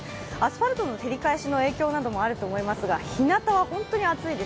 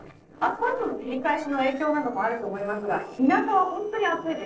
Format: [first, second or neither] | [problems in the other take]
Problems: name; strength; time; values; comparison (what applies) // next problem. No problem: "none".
first | noise reduction (neural separator model SepFormer DNS4)